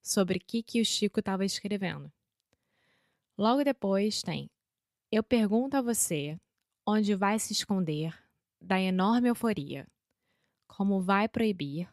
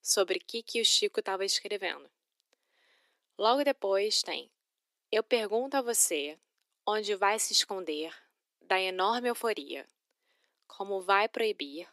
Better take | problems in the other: first | thin; very; fading below 300 Hz

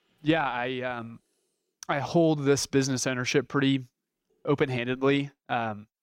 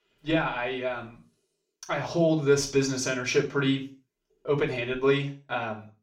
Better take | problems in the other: first | room echo; slight; dies away in 0.3 s // off-mic speech; far

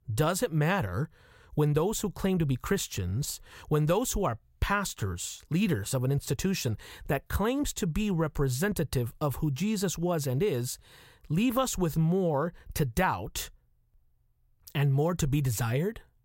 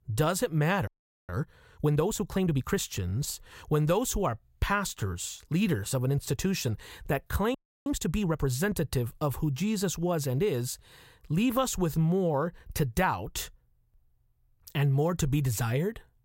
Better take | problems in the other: first | audio freezing; at 1 s and at 7.5 s

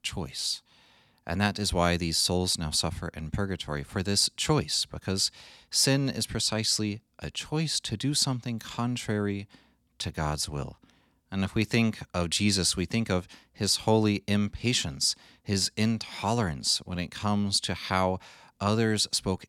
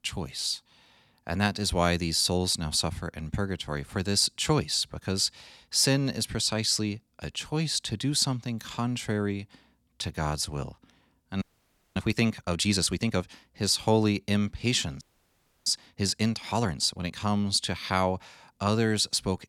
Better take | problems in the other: first | audio freezing; at 11 s for 0.5 s and at 15 s for 0.5 s

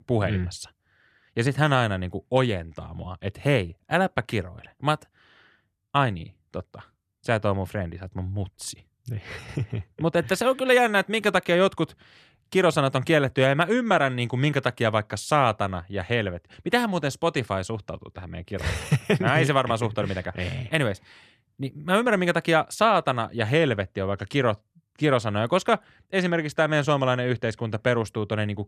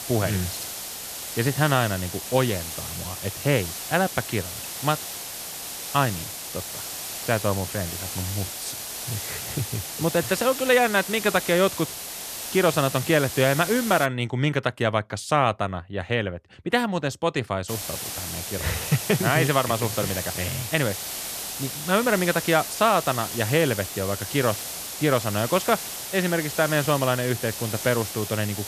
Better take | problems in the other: first | hiss; loud; until 14 s and from 18 s on; 6 dB below the speech

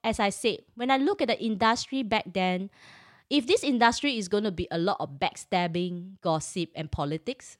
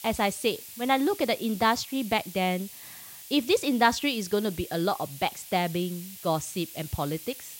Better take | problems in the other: first | hiss; noticeable; throughout; 15 dB below the speech

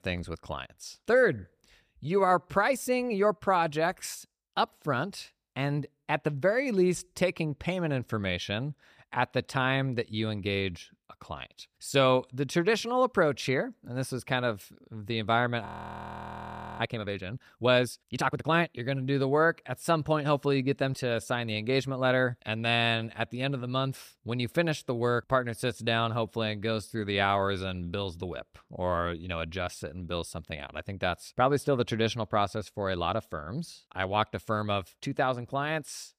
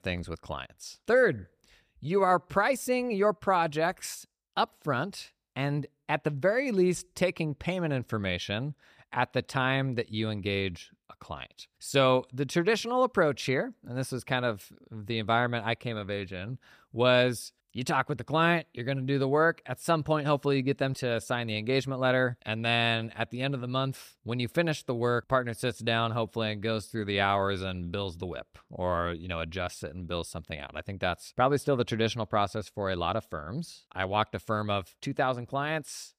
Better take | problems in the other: second | audio freezing; at 16 s for 1 s

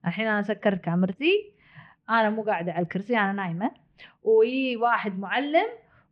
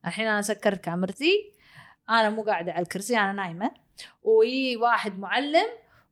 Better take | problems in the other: second | muffled; very; fading above 2.5 kHz

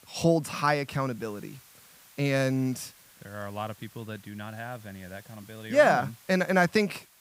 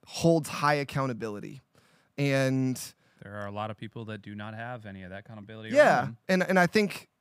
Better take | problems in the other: second | hiss; faint; throughout; 25 dB below the speech

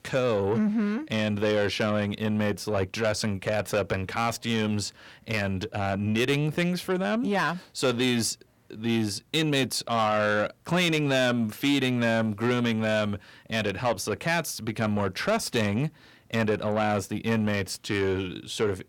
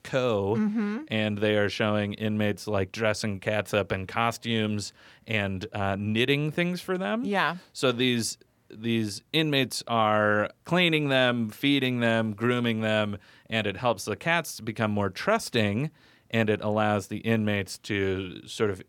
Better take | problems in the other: second | distortion; slight; 10 dB below the speech

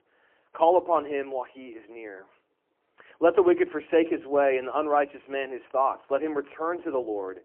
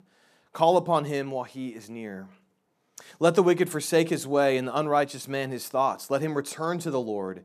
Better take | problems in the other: second | phone-call audio; poor line

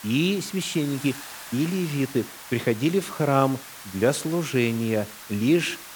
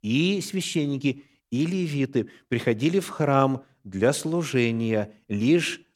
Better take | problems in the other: second | hiss; noticeable; throughout; 15 dB below the speech

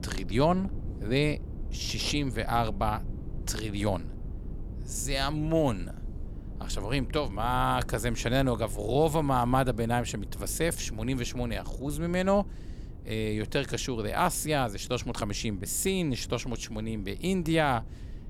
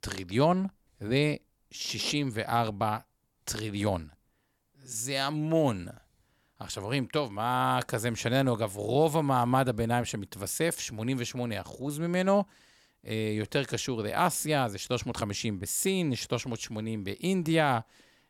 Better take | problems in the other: second | low rumble; faint; throughout; 20 dB below the speech

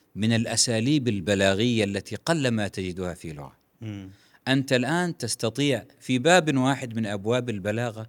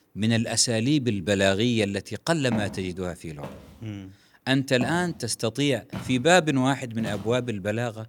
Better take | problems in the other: first | footsteps; noticeable; from 2.5 to 7.5 s; peak 9 dB below the speech

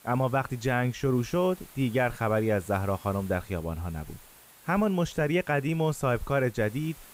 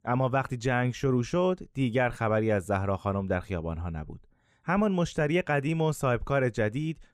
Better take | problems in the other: second | hiss; faint; throughout; 20 dB below the speech

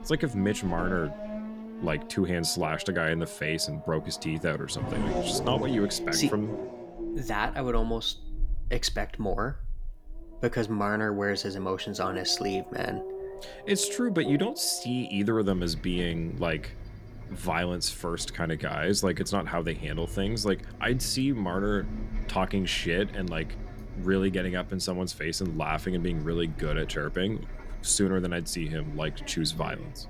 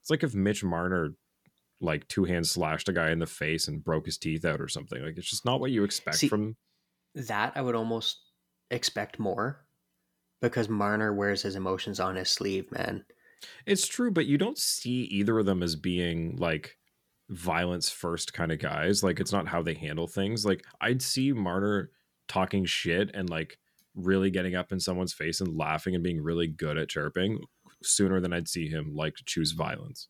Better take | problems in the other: second | traffic noise; noticeable; throughout; 10 dB below the speech

